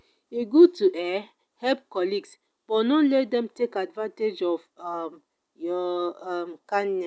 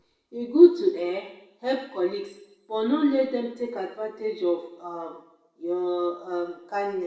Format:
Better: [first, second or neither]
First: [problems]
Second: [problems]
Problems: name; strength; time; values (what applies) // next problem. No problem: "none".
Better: first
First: none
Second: room echo; dies away in 0.8 s